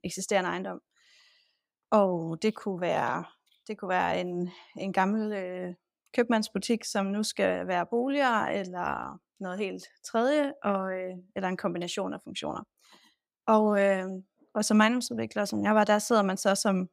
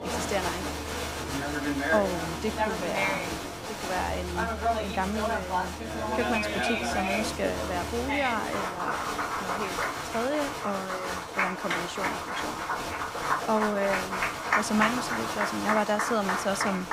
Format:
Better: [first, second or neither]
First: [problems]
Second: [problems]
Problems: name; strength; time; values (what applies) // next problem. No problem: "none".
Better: first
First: none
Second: crowd noise; very loud; throughout; 2 dB above the speech